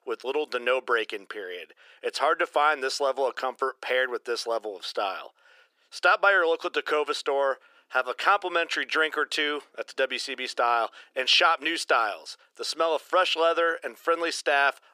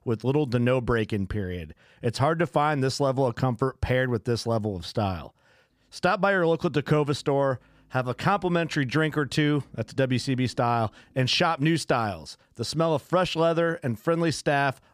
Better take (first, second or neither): second